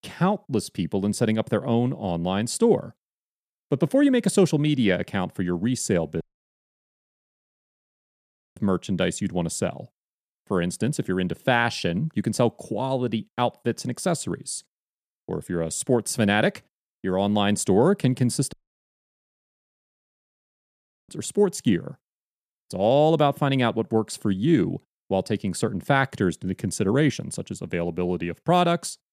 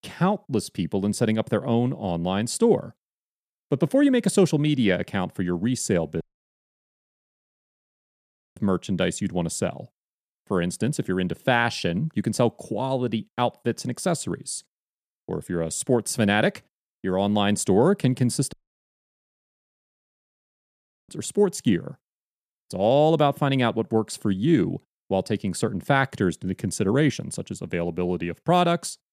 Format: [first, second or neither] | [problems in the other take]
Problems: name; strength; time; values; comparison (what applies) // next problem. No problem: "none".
neither | audio cutting out; at 6 s for 2.5 s and at 19 s for 2.5 s; the same in both